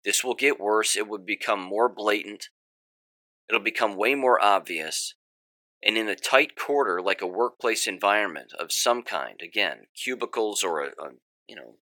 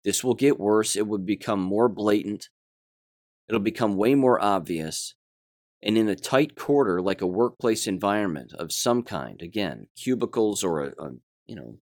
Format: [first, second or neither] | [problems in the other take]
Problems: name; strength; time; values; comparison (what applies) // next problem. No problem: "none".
second | thin; very; fading below 600 Hz